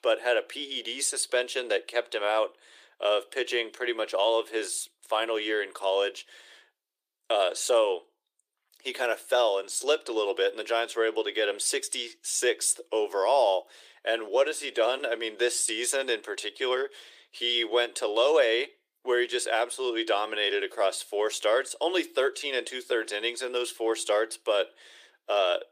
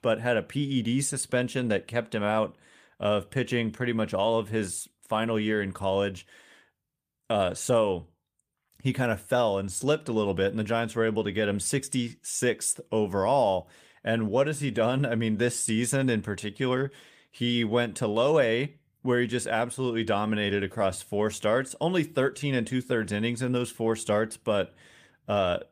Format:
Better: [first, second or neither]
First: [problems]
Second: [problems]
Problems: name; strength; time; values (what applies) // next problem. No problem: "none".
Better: second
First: thin; very; fading below 350 Hz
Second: none